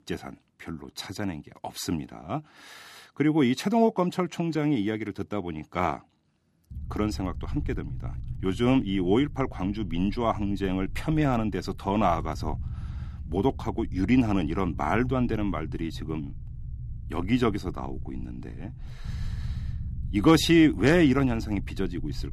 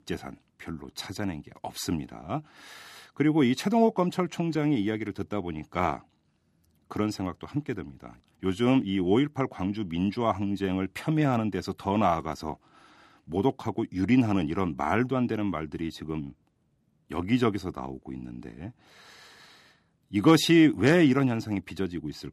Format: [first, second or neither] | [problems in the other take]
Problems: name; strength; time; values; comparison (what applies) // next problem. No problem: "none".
second | low rumble; faint; from 6.5 s on; 25 dB below the speech